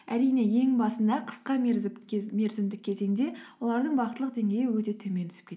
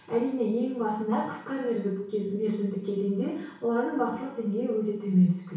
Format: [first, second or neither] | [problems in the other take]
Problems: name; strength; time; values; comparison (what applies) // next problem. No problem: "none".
first | room echo; dies away in 0.6 s